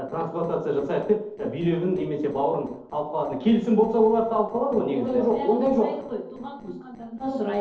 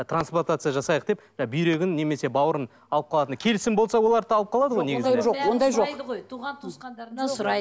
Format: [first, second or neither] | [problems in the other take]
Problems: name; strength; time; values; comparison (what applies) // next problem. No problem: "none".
second | noise reduction (neural separator model SepFormer DNS4)